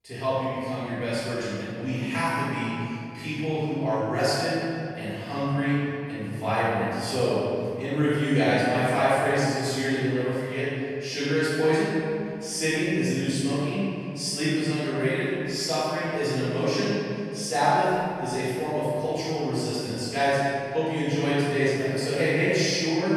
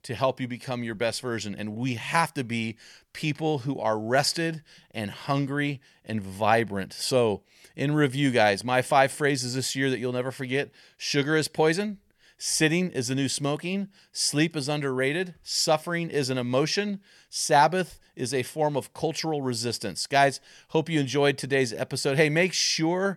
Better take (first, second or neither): second